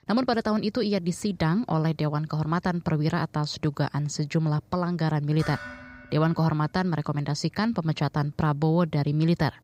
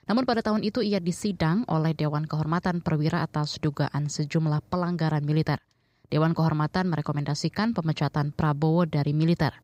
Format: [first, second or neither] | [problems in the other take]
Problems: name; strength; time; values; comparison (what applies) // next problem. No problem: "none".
second | clattering dishes; faint; from 5.5 to 6.5 s; peak 10 dB below the speech